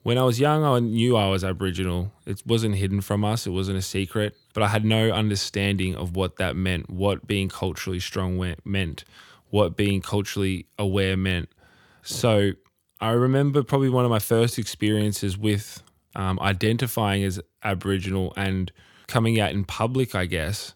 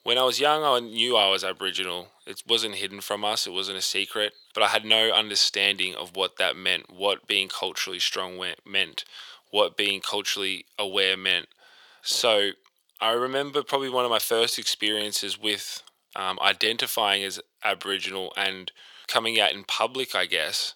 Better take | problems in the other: first | thin; very; fading below 600 Hz

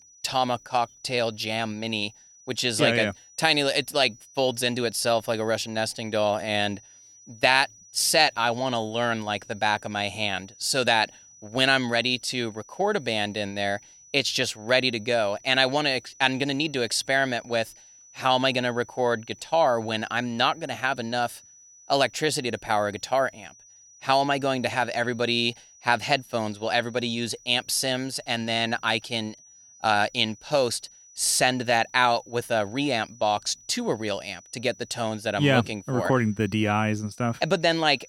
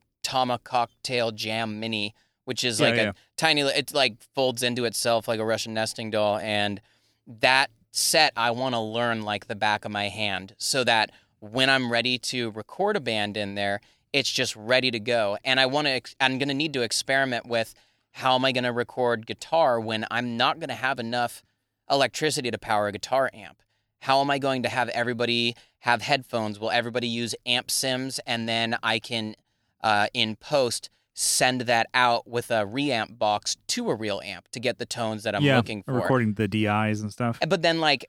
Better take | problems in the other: second | high-pitched whine; faint; throughout; 6 kHz, 25 dB below the speech

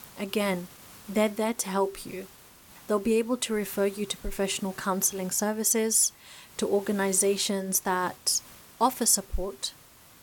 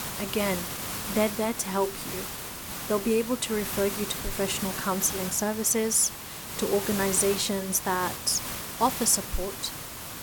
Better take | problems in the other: first | hiss; loud; throughout; 6 dB below the speech; faint in the first

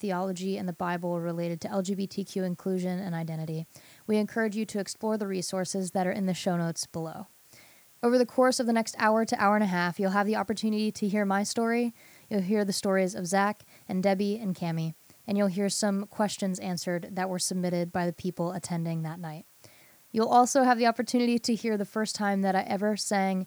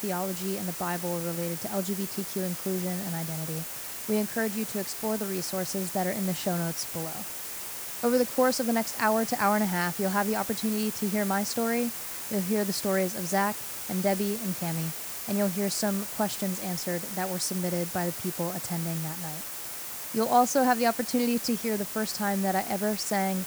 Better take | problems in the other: first | hiss; loud; throughout; 5 dB below the speech; faint in the first

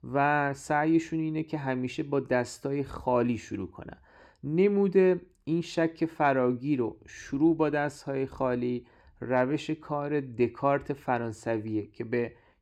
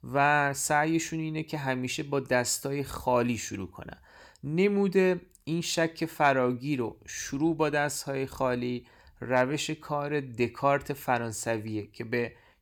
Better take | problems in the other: second | muffled; slightly; fading above 1.5 kHz

